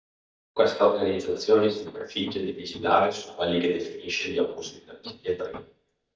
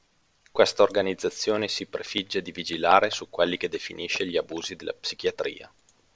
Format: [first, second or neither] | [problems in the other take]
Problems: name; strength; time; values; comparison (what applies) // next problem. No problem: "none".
second | noise reduction (neural mask model DeepFilterNet 3)